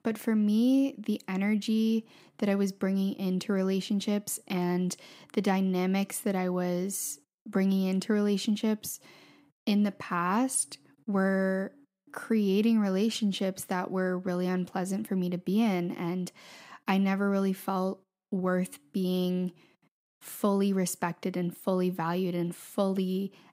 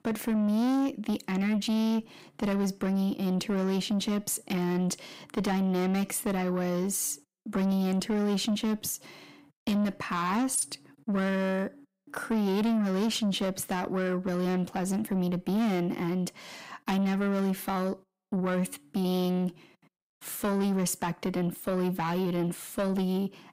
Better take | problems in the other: first | distortion; slight; 9 dB below the speech

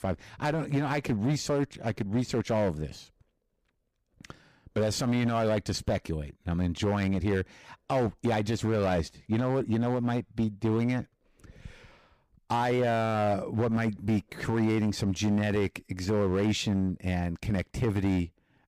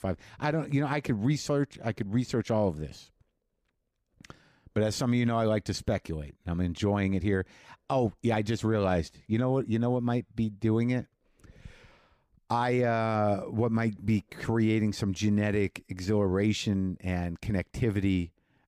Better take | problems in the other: second | distortion; slight; 11% of the sound clipped

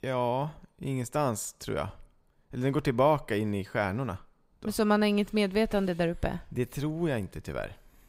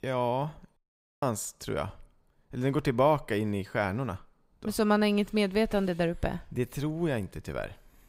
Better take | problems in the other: first | audio cutting out; at 1 s

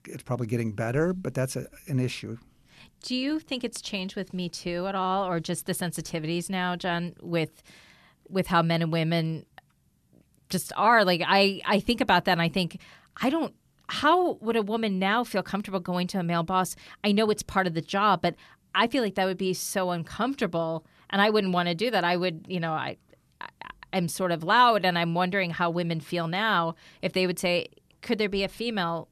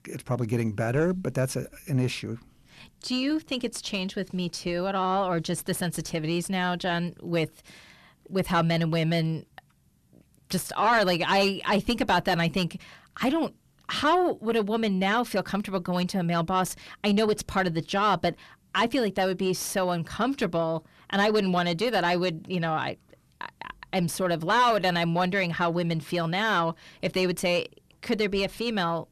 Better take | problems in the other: first | distortion; slight; 10 dB below the speech

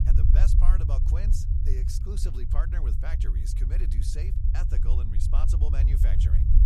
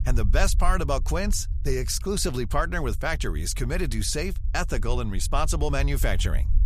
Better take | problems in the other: second | low rumble; loud; throughout; 1 dB below the speech; faint in the second

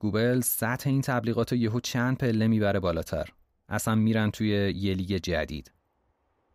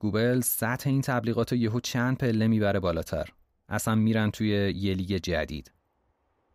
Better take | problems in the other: neither | none

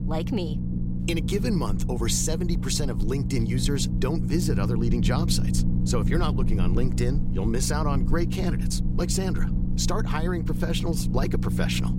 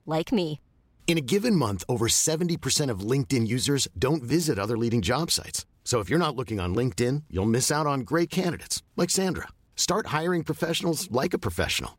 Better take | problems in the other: second | low rumble; loud; throughout; 6 dB below the speech

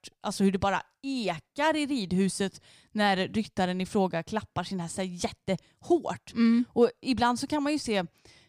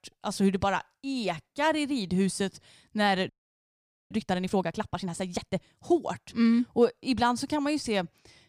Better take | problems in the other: first | audio freezing; at 3.5 s for 1 s

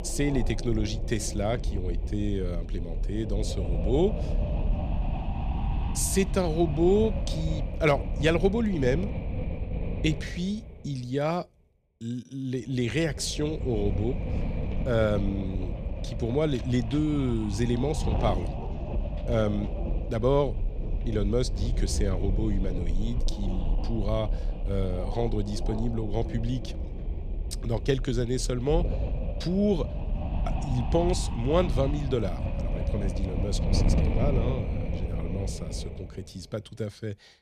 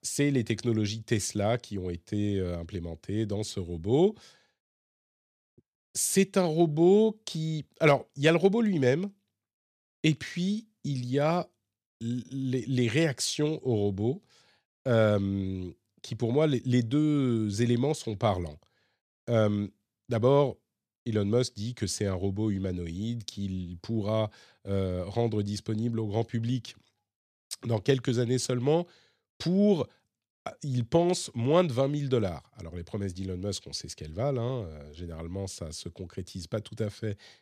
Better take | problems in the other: second | wind noise on the microphone; heavy; 9 dB below the speech

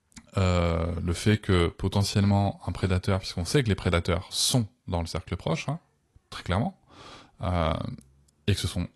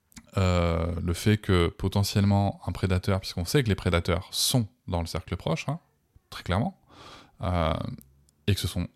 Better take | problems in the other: second | garbled, watery; slightly; nothing above 11.5 kHz

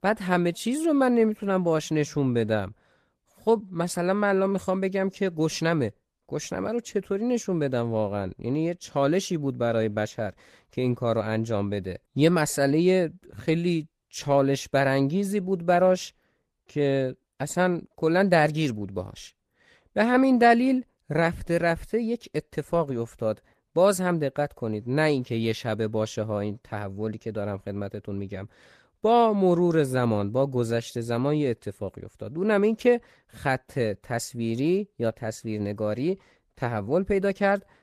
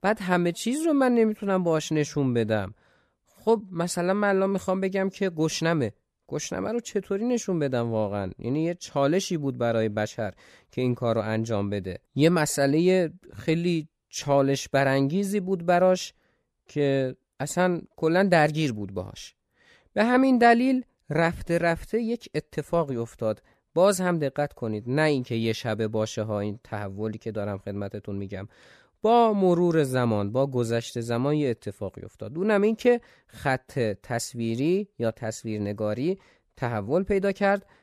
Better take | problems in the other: second | garbled, watery; slightly; nothing above 14.5 kHz

